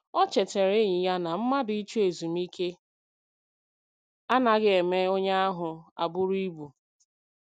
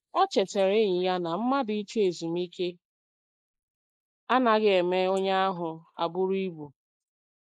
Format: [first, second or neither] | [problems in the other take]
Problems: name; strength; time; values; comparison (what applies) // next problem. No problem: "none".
first | noise reduction (neural mask model Resemble Enhance denoiser)